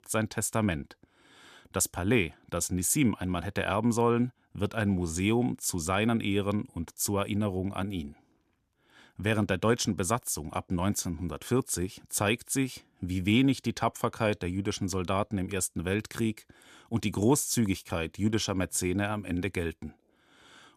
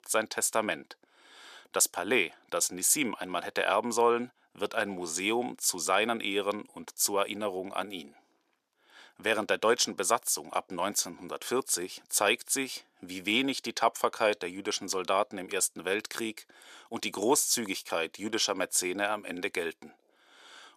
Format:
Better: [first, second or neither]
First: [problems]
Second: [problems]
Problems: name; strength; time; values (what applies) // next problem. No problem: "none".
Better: first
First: none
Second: thin; somewhat; fading below 500 Hz